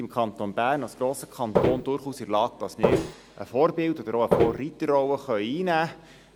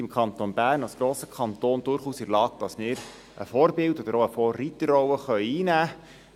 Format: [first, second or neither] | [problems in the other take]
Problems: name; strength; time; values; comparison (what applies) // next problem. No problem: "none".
second | background sound (Walk, footsteps); 4 dB above the speech